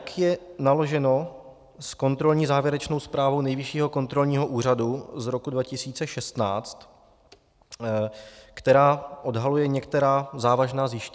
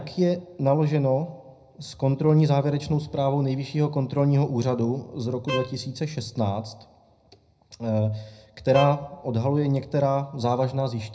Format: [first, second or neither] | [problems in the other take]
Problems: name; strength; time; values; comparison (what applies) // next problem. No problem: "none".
first | background sound (Bowed string instrument); 12 dB below the speech // room echo; dies away in 0.4 s